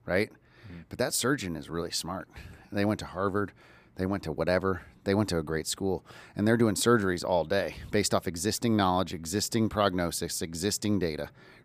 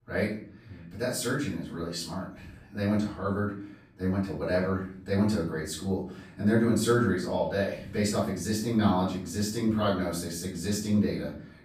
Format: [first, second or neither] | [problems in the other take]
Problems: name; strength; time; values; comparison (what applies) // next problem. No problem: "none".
first | off-mic speech; far // room echo; noticeable; dies away in 0.5 s